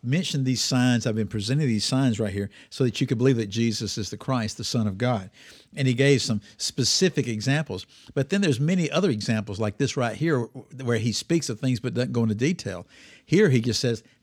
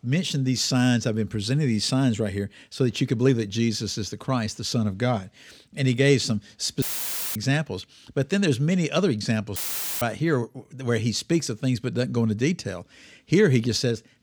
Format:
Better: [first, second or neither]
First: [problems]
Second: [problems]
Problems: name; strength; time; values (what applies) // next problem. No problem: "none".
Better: first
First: none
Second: audio cutting out; filled with static; at 7 s for 0.5 s and at 9.5 s